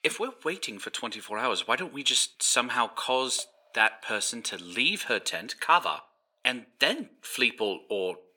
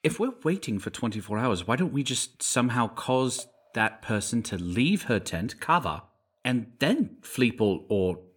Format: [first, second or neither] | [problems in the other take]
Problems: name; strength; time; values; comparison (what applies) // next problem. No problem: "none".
second | thin; somewhat; fading below 500 Hz